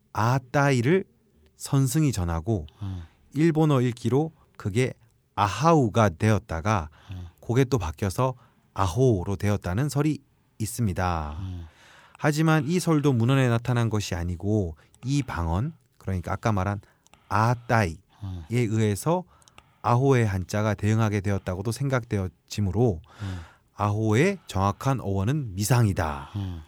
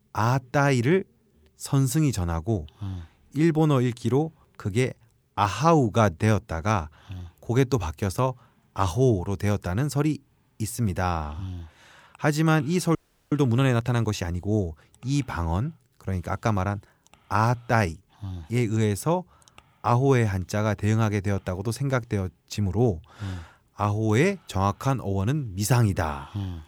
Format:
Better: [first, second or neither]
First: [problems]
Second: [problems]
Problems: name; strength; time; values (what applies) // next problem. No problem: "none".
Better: first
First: none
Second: audio freezing; at 13 s